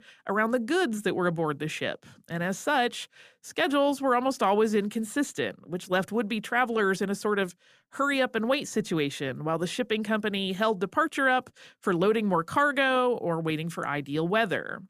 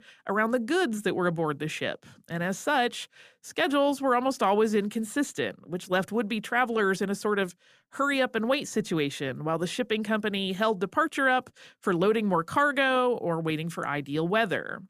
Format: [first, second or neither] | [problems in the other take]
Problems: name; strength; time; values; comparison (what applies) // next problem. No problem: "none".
neither | none